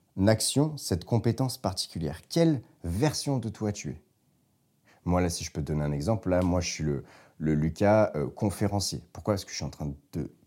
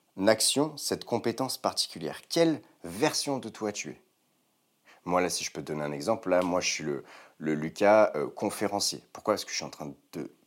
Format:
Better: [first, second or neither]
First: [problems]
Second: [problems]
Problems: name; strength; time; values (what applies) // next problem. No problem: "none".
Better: first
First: none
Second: thin; somewhat; fading below 300 Hz